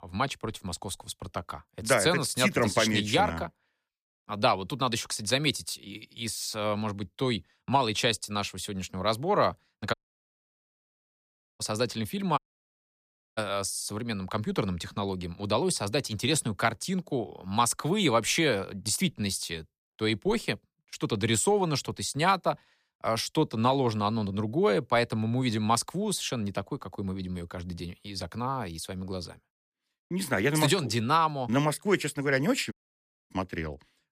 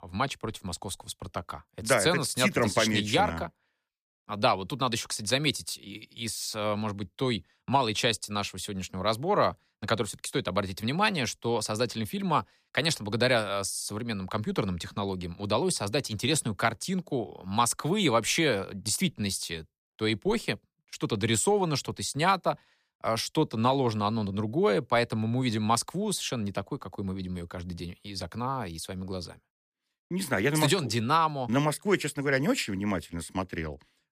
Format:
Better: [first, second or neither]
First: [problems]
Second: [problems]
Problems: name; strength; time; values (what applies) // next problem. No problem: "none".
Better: second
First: audio cutting out; at 10 s for 1.5 s, at 12 s for 1 s and at 33 s for 0.5 s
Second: none